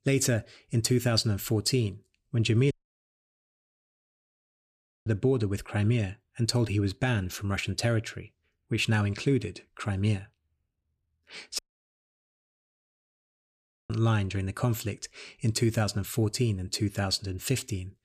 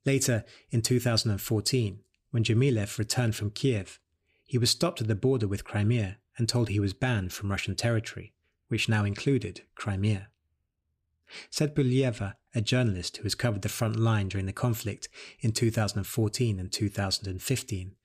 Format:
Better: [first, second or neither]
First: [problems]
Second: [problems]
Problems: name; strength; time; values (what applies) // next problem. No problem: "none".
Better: second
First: audio cutting out; at 2.5 s for 2.5 s and at 12 s for 2.5 s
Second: none